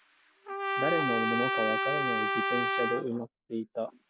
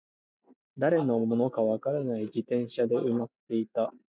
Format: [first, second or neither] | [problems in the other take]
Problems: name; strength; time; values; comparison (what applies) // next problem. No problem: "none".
second | background sound (Trumpet); 2 dB above the speech